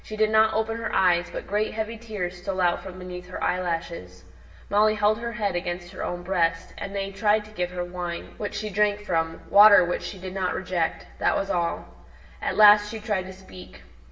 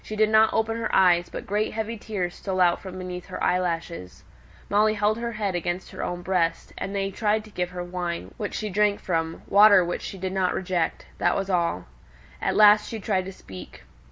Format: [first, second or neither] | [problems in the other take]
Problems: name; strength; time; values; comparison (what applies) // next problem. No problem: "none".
second | room echo; dies away in 0.8 s